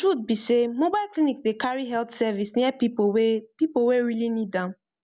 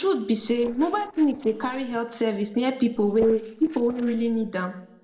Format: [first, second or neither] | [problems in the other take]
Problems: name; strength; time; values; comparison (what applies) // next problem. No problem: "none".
first | noise reduction (neural separator model SepFormer DNS4)